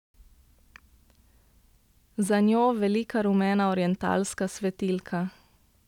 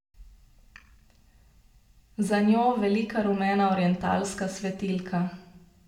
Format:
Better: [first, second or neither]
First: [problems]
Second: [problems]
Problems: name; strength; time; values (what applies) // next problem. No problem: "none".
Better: first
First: none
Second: room echo; dies away in 0.5 s